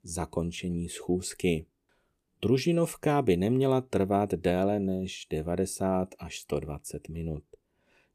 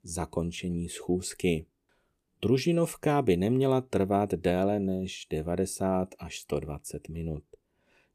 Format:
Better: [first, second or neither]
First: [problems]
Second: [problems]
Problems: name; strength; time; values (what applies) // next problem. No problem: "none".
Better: neither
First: none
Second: none